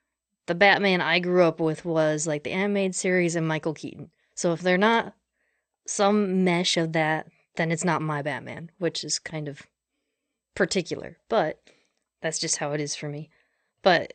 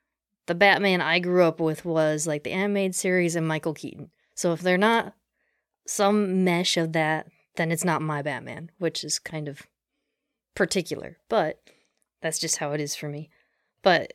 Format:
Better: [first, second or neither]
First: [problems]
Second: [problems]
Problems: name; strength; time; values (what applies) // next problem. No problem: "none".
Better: second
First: garbled, watery; slightly; nothing above 8.5 kHz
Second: none